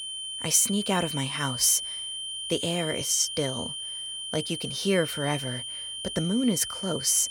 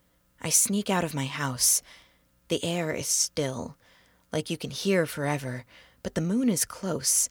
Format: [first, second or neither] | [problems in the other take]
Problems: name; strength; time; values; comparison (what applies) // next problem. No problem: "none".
second | high-pitched whine; loud; throughout; 3 kHz, 6 dB below the speech